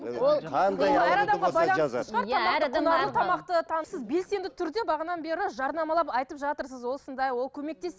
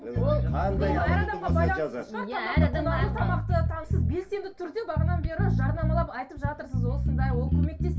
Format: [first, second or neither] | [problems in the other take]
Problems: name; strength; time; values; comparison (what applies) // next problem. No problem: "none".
first | background sound (Bass guitar); 5 dB above the speech // room echo; dies away in 0.2 s